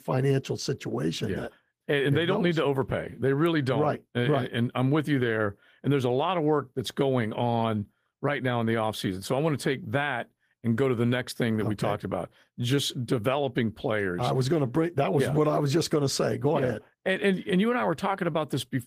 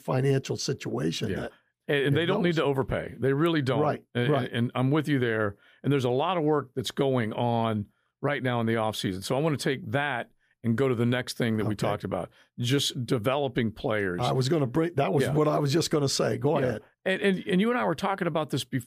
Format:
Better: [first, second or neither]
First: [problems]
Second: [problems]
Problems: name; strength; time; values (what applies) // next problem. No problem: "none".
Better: second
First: garbled, watery; slightly; nothing above 15 kHz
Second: none